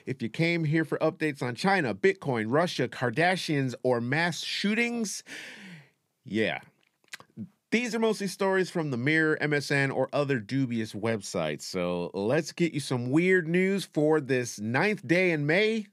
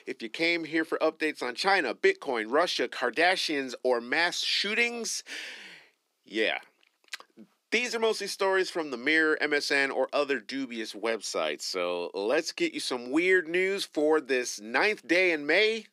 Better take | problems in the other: first | thin; somewhat; fading below 300 Hz

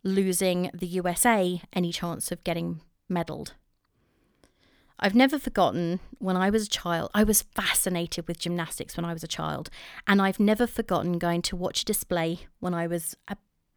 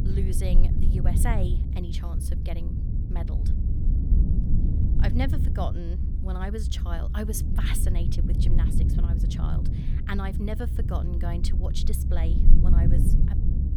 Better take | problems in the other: first | low rumble; loud; throughout; 3 dB below the speech

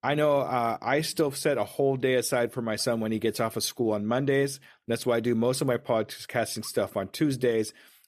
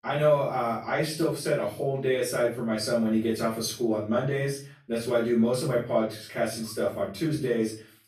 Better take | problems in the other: first | off-mic speech; far // room echo; noticeable; dies away in 0.4 s

